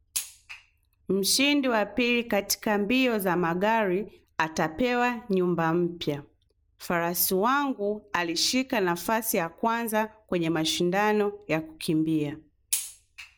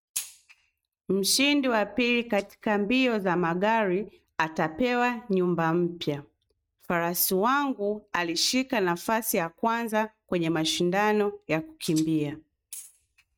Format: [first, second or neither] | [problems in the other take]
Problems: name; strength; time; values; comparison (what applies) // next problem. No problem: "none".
first | noise reduction (neural mask model RNNoise)